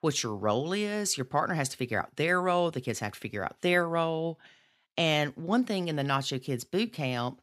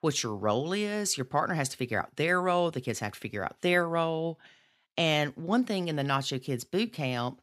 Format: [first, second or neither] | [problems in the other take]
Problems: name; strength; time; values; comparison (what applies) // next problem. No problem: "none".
neither | none